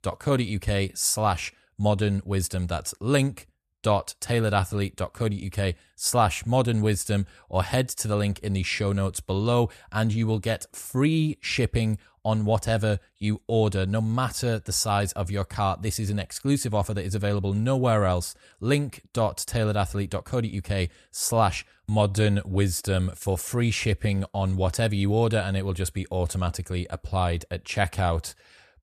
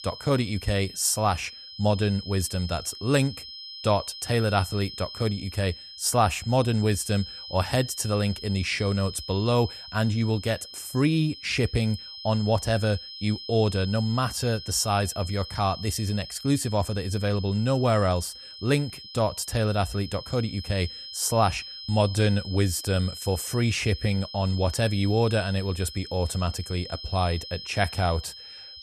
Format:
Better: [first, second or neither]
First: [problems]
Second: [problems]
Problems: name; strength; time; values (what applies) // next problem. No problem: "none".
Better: first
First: none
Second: high-pitched whine; noticeable; throughout; 5 kHz, 10 dB below the speech